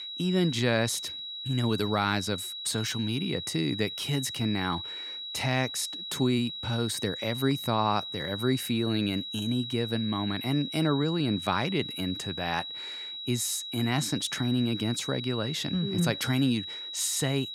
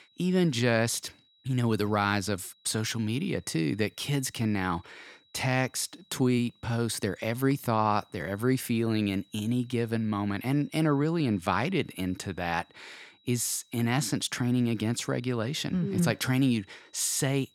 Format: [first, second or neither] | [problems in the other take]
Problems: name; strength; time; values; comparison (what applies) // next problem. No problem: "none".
second | high-pitched whine; loud; throughout; 4 kHz, 6 dB below the speech; faint in the second